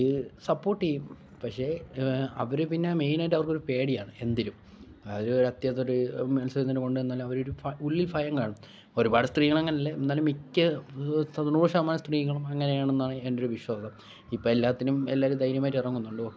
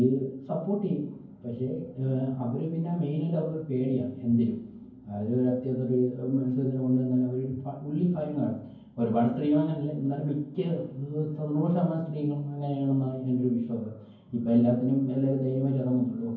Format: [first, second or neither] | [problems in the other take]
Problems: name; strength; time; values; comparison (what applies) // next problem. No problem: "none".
first | room echo; dies away in 0.9 s